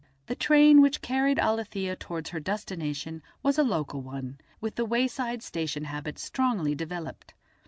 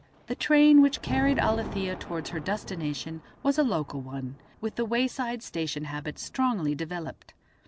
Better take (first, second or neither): first